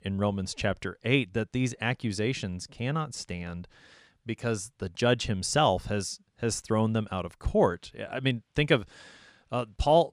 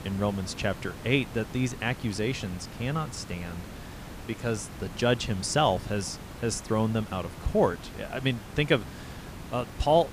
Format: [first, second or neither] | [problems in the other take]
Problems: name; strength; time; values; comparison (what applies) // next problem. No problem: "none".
first | hiss; noticeable; throughout; 15 dB below the speech